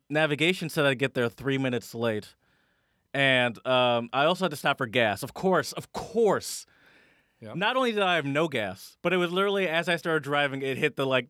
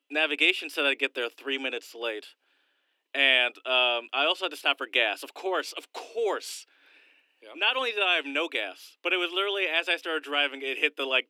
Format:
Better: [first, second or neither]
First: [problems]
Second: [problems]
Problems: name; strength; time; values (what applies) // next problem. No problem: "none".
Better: first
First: none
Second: thin; somewhat; fading below 300 Hz